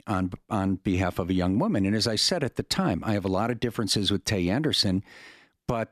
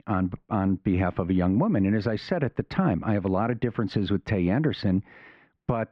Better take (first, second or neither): first